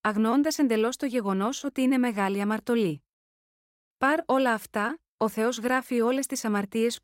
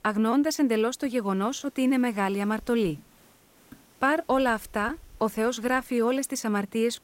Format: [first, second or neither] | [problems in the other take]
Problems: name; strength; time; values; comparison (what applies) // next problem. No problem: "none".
first | hiss; faint; throughout; 30 dB below the speech